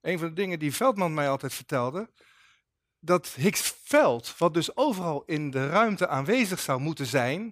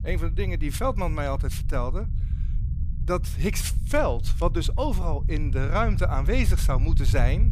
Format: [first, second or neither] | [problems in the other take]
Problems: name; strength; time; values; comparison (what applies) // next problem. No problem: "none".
first | low rumble; noticeable; throughout; 15 dB below the speech